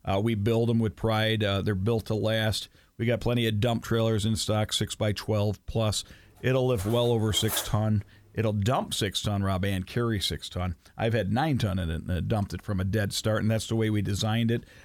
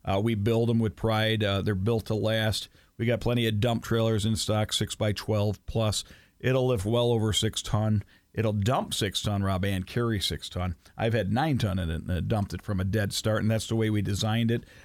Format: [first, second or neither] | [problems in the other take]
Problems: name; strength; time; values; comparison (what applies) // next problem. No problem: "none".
second | clattering dishes; noticeable; at 7 s; peak 5 dB below the speech